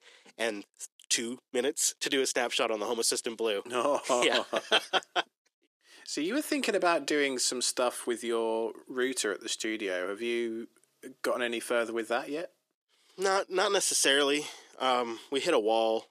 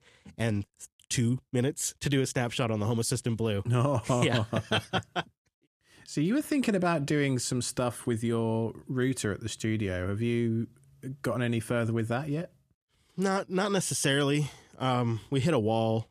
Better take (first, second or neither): second